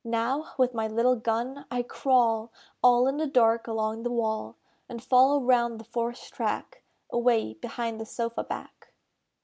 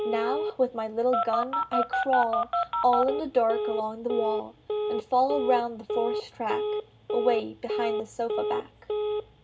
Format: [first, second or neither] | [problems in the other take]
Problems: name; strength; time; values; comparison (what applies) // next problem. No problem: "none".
first | background sound (Telephone); 1 dB below the speech // room echo; dies away in 0.2 s